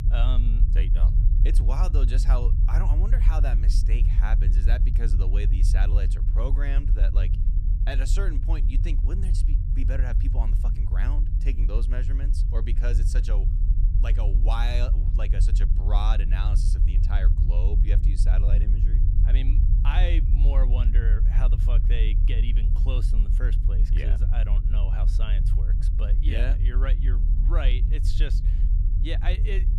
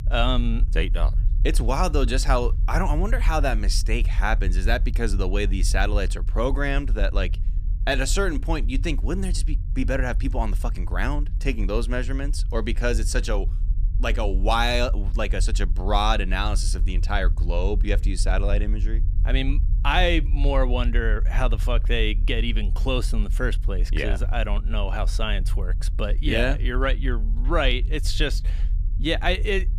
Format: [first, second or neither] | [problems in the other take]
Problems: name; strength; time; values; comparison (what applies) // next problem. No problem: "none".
second | low rumble; loud; throughout; 6 dB below the speech; faint in the second